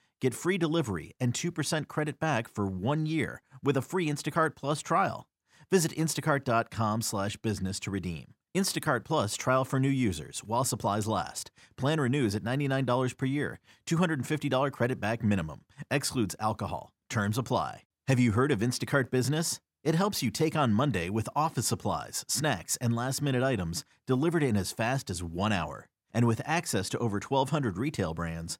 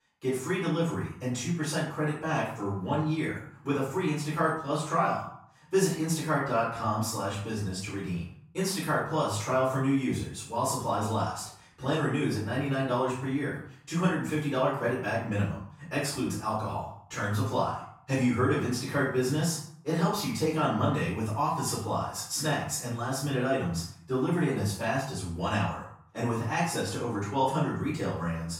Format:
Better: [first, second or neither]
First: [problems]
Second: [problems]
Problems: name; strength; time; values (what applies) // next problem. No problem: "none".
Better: first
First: none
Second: off-mic speech; far // room echo; noticeable; dies away in 0.5 s